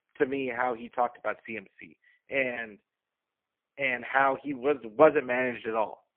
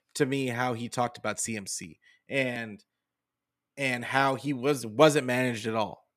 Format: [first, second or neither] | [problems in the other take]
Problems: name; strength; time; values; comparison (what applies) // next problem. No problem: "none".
second | phone-call audio; poor line